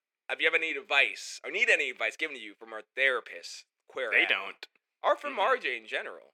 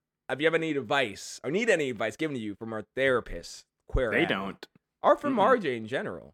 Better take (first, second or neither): second